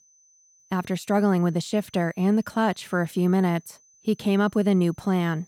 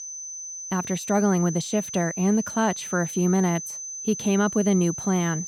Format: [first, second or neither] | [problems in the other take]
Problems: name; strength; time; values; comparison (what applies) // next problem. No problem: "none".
first | high-pitched whine; loud; throughout; 6 kHz, 8 dB below the speech; faint in the first